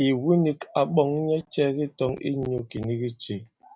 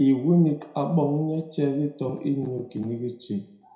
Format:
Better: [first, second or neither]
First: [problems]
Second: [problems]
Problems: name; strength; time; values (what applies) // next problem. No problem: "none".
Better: first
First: none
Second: room echo; dies away in 0.6 s